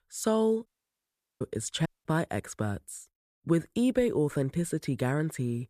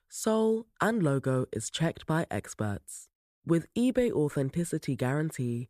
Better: second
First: audio cutting out; at 0.5 s for 0.5 s and at 2 s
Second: none

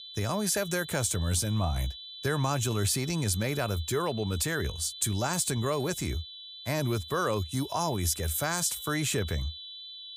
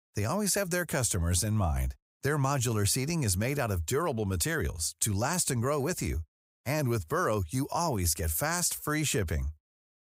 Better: second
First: high-pitched whine; noticeable; throughout; 4 kHz, 10 dB below the speech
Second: none

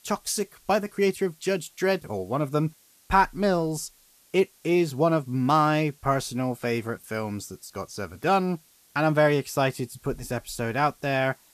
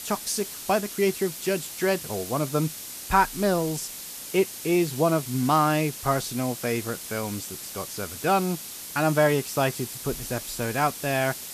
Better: first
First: hiss; faint; throughout; 30 dB below the speech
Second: hiss; loud; throughout; 9 dB below the speech

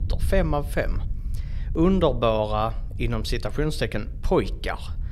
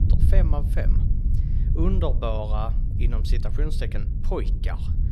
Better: first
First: low rumble; faint; throughout; 25 dB below the speech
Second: low rumble; loud; throughout; 8 dB below the speech

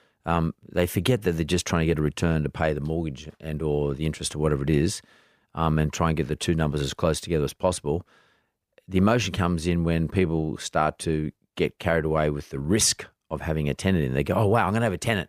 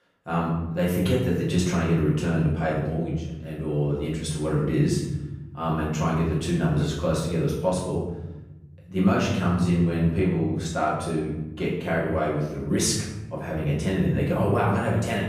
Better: first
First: none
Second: off-mic speech; far // room echo; noticeable; dies away in 1.1 s

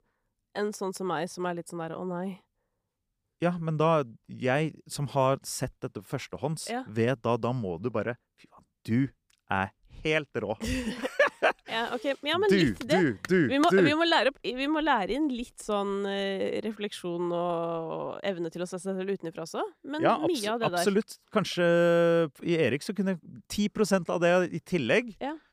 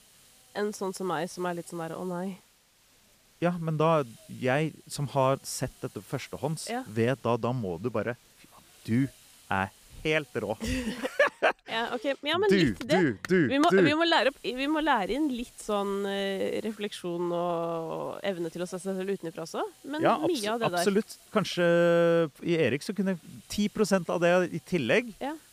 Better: first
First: none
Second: hiss; faint; until 11 s and from 14 s on; 25 dB below the speech

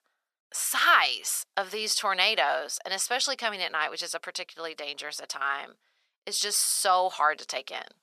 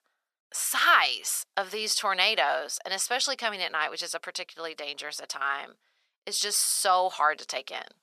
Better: neither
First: thin; very; fading below 750 Hz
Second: thin; very; fading below 750 Hz

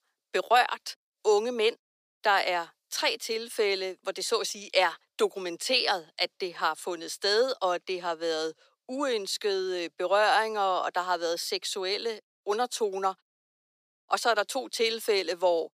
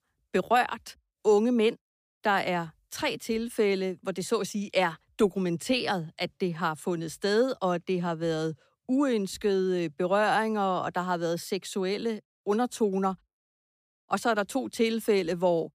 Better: second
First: thin; very; fading below 450 Hz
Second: none

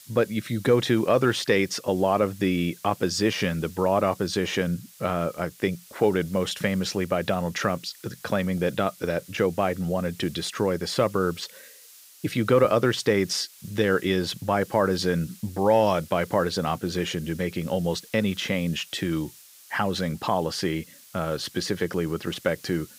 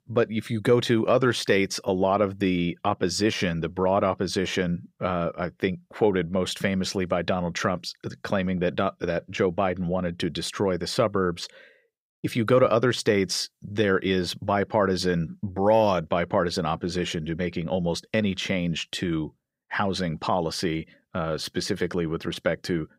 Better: second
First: hiss; faint; throughout; 20 dB below the speech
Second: none

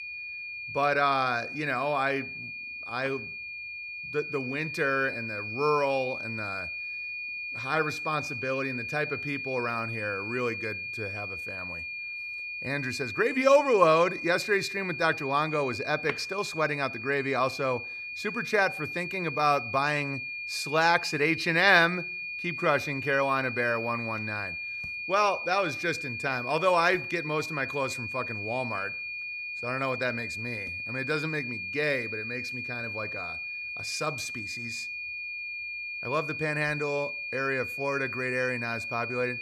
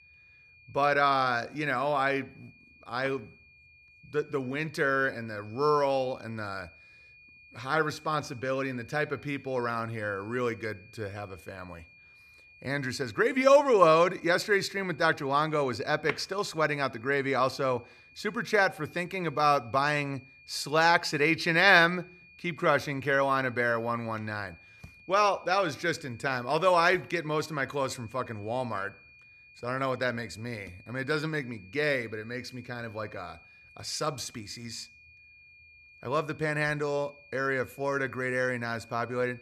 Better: second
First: high-pitched whine; loud; throughout; 2.5 kHz, 5 dB below the speech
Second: high-pitched whine; faint; throughout; 2.5 kHz, 25 dB below the speech

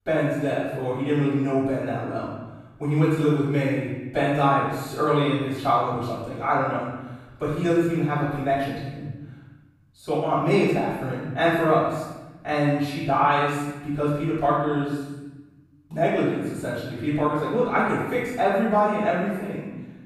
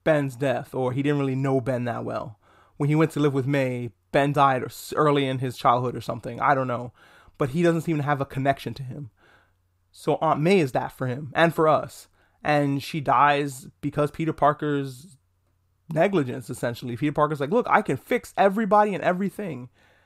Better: second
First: off-mic speech; far // room echo; strong; dies away in 1 s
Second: none

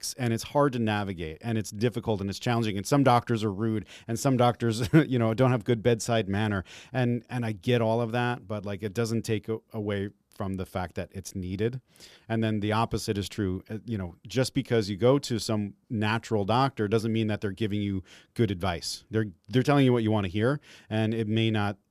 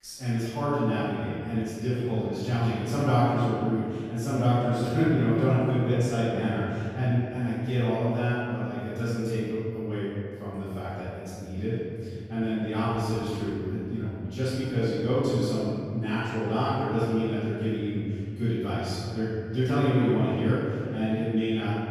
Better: first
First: none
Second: room echo; strong; dies away in 2.5 s // off-mic speech; far

